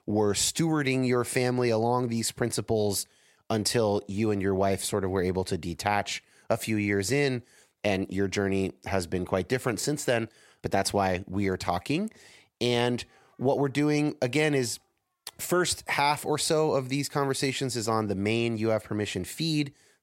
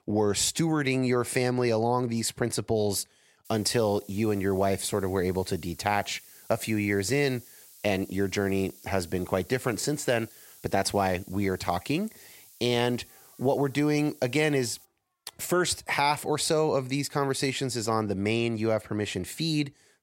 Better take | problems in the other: first | hiss; faint; from 3.5 to 15 s; 20 dB below the speech

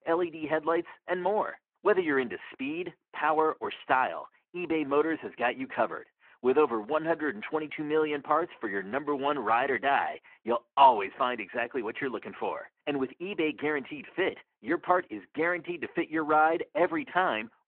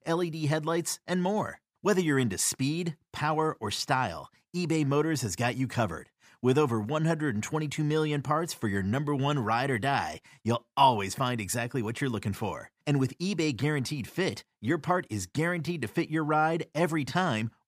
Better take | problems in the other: second | phone-call audio

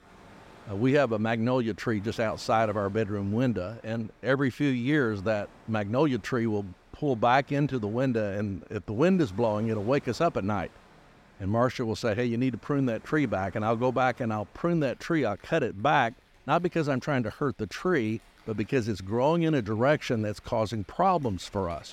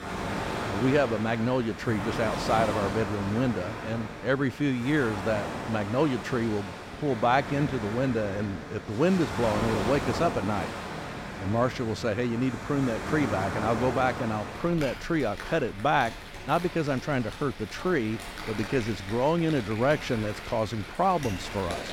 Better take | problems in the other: first | rain or running water; loud; throughout; 7 dB below the speech; faint in the first

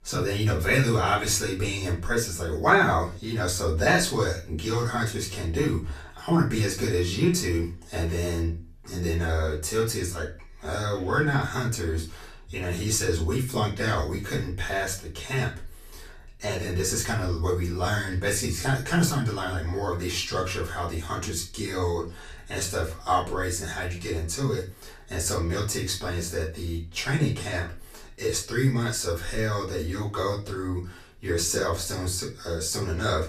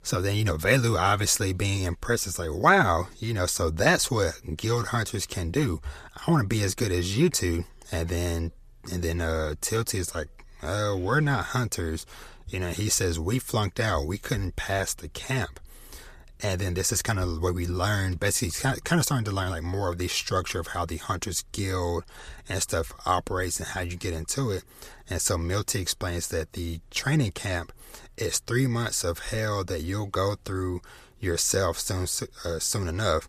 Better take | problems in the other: second | off-mic speech; far // room echo; slight; dies away in 0.3 s

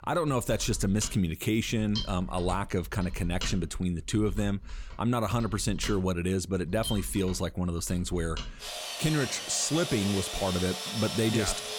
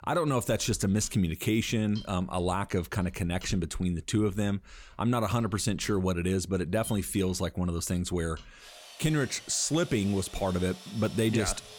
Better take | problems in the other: second | machinery noise; loud; throughout; 8 dB below the speech; faint in the second

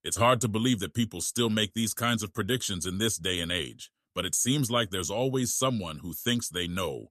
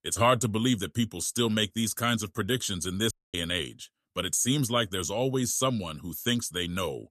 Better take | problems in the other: first | audio cutting out; at 3 s

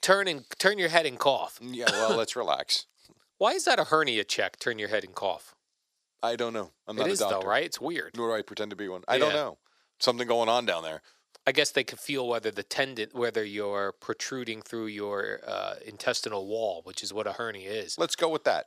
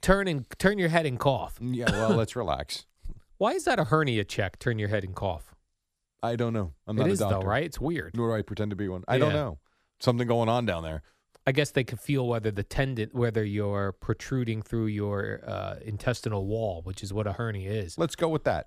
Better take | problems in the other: second | thin; somewhat; fading below 400 Hz

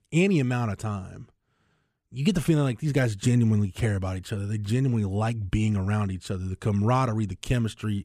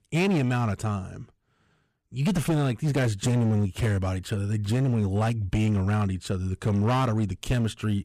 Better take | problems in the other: first | distortion; slight; 14% of the sound clipped

